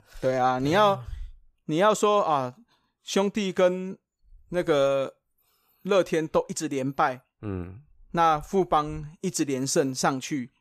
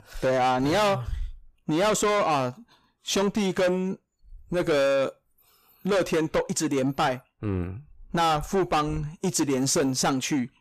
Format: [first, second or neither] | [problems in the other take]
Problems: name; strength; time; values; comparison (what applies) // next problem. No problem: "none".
first | distortion; heavy; 6 dB below the speech